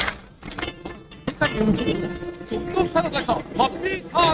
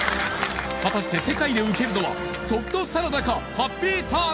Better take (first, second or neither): second